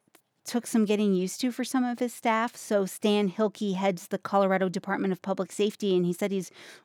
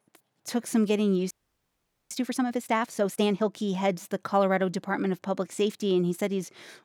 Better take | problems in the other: first | audio freezing; at 1.5 s for 1 s

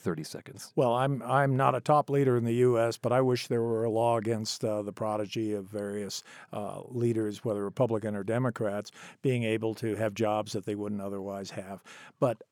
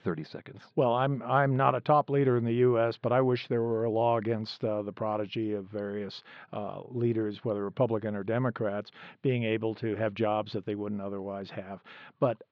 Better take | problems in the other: first | muffled; slightly; fading above 4 kHz

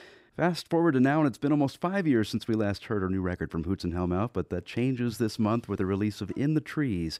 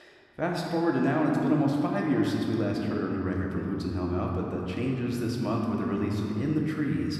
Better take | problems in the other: first | room echo; noticeable; dies away in 2.4 s // off-mic speech; somewhat distant

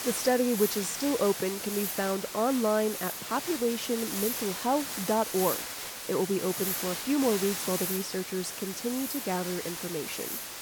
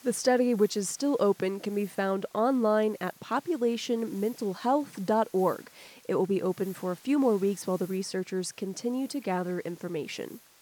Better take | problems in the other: second | hiss; loud; throughout; 3 dB below the speech; faint in the second

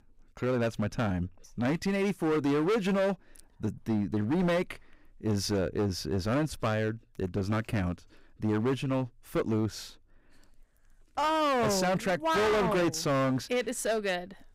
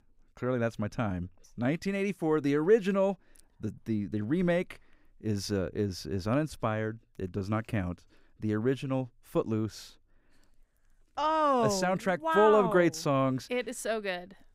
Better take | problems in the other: second | distortion; heavy; 15% of the sound clipped

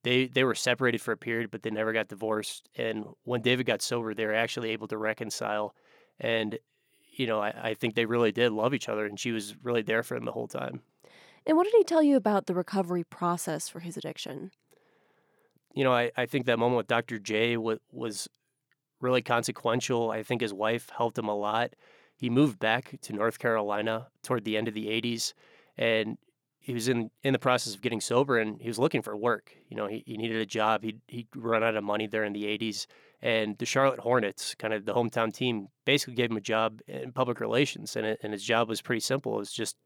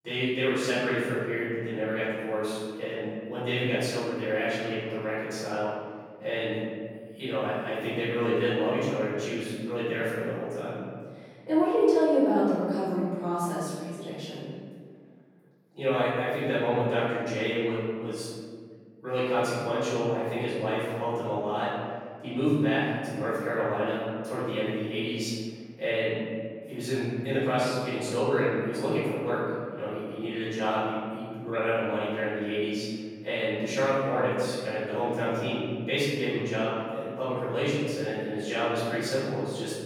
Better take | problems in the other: first | off-mic speech; far // room echo; strong; dies away in 2 s

